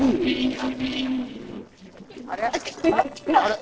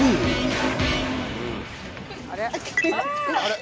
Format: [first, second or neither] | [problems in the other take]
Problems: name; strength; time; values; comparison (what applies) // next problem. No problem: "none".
second | noise reduction (neural separator model SepFormer DNS4)